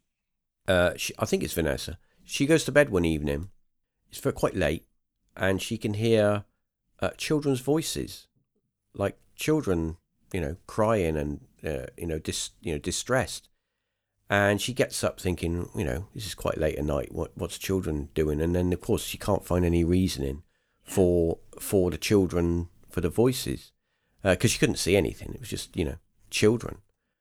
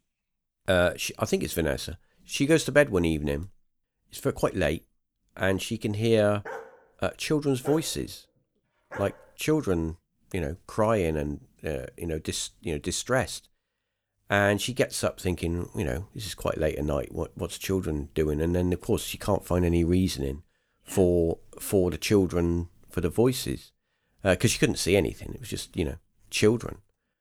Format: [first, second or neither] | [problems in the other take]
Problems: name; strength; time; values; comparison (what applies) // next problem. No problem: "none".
first | dog barking; faint; from 6.5 to 9 s; peak 10 dB below the speech